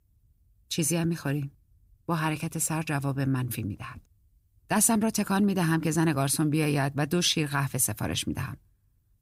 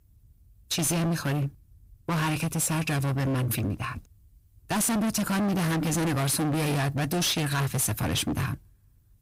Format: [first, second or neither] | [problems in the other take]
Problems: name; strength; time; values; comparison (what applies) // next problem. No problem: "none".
first | distortion; heavy; 30% of the sound clipped